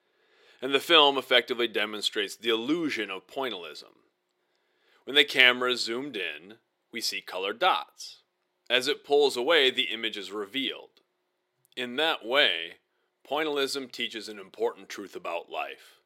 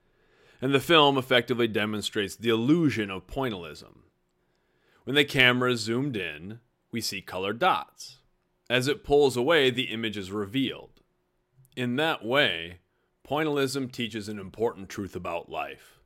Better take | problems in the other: second | thin; somewhat; fading below 400 Hz

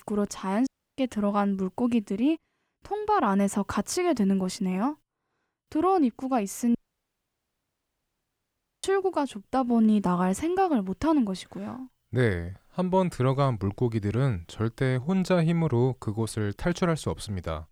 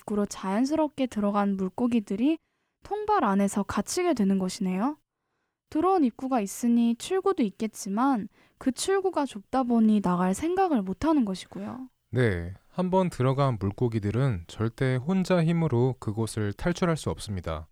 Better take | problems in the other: second | audio cutting out; at 0.5 s and at 7 s for 2 s

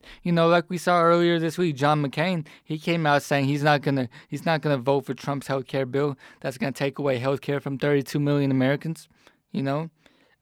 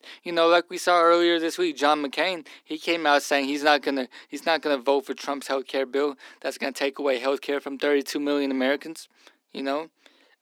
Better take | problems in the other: first | thin; very slightly; fading below 250 Hz

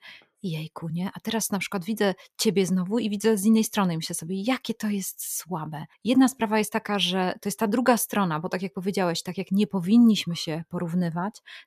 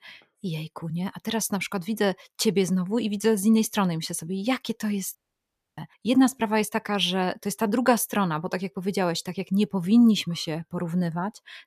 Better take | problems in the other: first | audio cutting out; at 5 s for 0.5 s

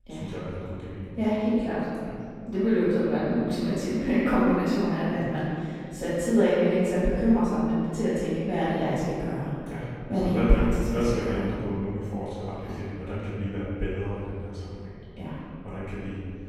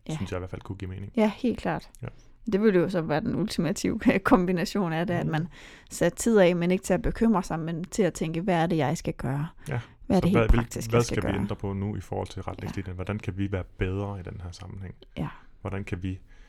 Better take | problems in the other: second | off-mic speech; far // room echo; strong; dies away in 2.1 s

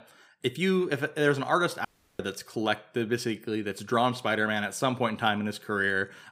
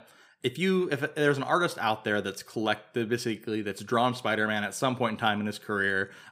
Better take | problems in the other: second | audio cutting out; at 2 s

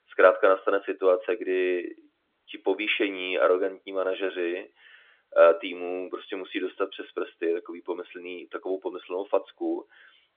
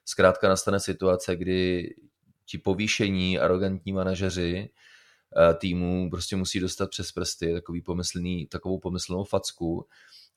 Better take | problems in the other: second | phone-call audio; nothing above 3.5 kHz

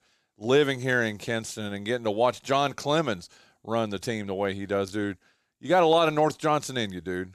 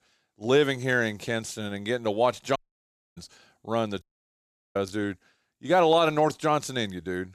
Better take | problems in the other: first | audio cutting out; at 2.5 s for 0.5 s and at 4 s for 0.5 s

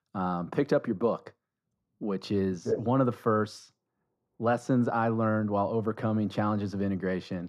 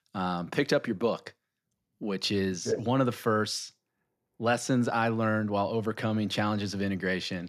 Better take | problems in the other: second | muffled; slightly; fading above 1.5 kHz

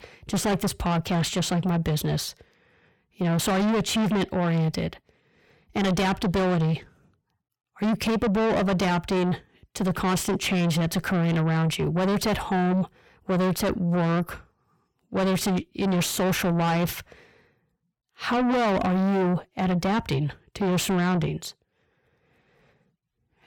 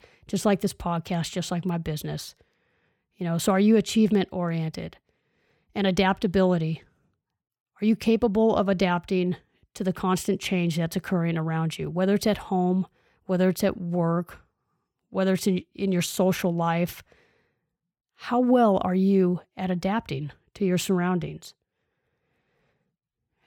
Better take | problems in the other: second | distortion; heavy; 5 dB below the speech

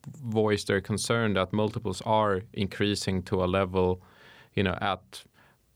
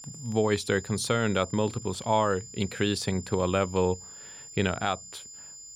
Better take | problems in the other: first | high-pitched whine; noticeable; throughout; 7 kHz, 15 dB below the speech

